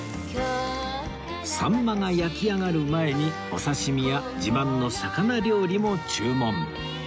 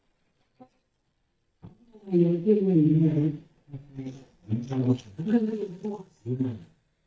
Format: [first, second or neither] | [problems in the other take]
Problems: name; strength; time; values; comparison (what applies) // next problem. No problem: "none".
first | noise reduction (neural mask model DeepFilterNet 3)